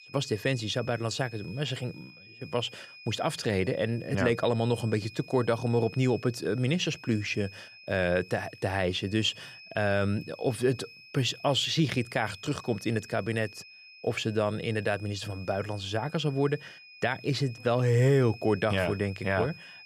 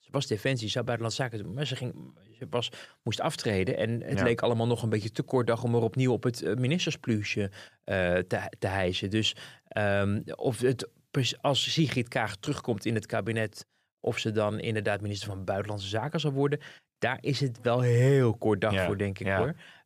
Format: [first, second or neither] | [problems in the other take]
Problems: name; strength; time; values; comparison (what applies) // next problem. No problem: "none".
second | high-pitched whine; noticeable; throughout; 2.5 kHz, 20 dB below the speech